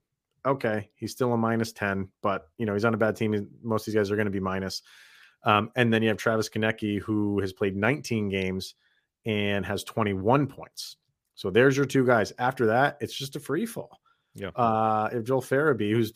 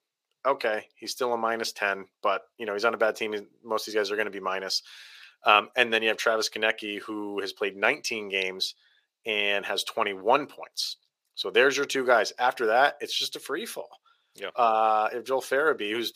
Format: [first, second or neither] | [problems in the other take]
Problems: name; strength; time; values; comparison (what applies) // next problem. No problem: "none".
first | thin; very; fading below 550 Hz